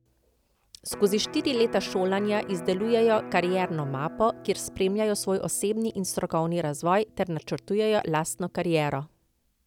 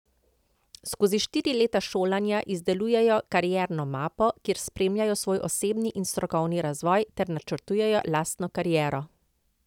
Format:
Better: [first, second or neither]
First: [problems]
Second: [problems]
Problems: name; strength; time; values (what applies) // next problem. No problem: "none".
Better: second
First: background sound (Electric guitar); 16 dB below the speech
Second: none